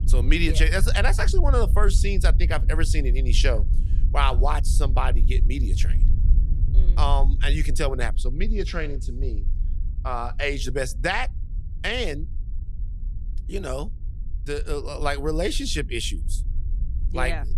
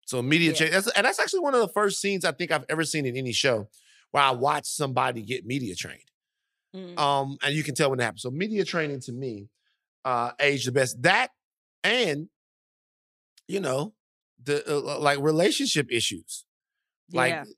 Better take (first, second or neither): second